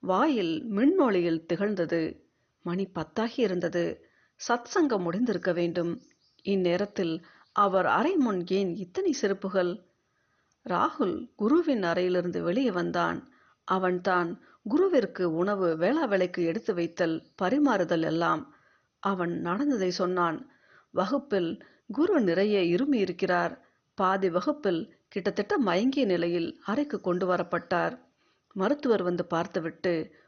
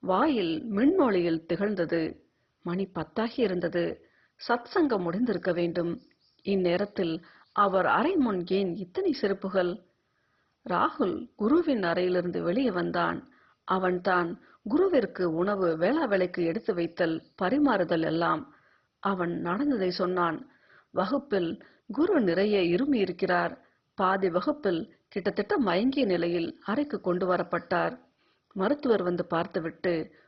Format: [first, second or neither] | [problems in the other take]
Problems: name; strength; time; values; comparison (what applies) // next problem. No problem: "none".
first | garbled, watery; badly; nothing above 5.5 kHz; slightly in the first